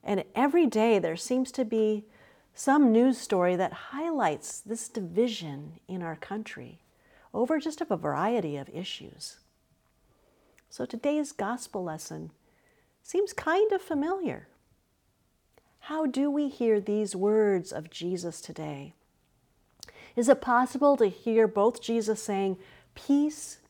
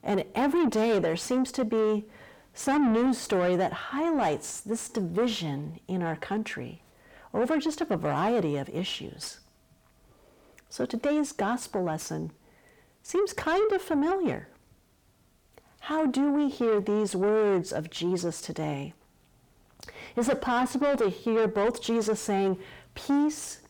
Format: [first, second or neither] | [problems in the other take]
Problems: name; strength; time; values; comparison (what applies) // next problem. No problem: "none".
first | distortion; heavy; 7 dB below the speech